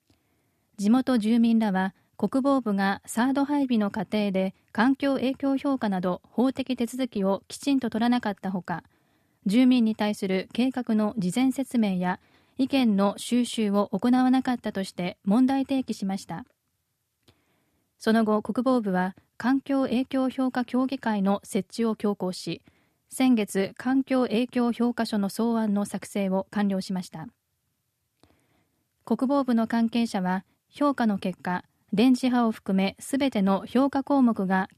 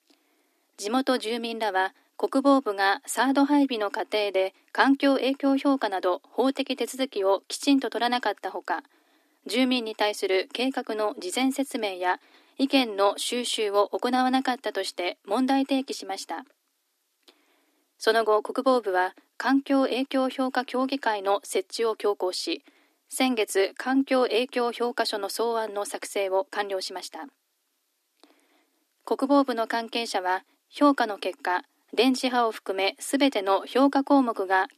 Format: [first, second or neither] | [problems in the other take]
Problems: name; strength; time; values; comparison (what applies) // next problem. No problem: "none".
first | thin; somewhat; fading below 300 Hz